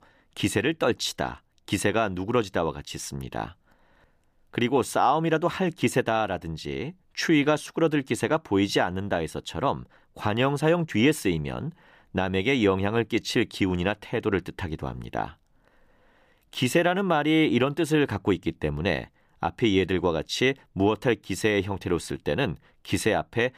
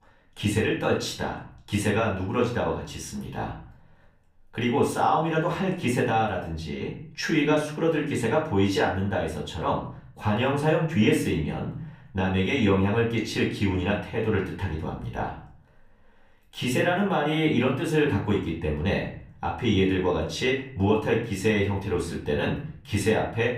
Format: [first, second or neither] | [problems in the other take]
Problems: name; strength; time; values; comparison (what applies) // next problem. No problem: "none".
first | off-mic speech; far // room echo; slight; dies away in 0.5 s